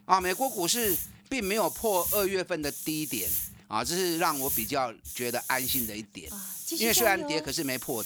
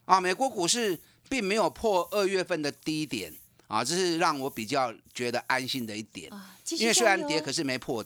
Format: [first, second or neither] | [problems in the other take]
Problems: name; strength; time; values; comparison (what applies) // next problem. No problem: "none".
second | hiss; loud; throughout; 3 dB below the speech; faint in the second